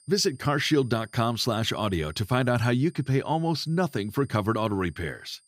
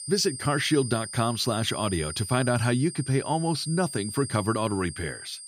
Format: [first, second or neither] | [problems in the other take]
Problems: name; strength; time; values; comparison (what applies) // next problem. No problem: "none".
first | high-pitched whine; loud; throughout; 9 kHz, 9 dB below the speech; faint in the first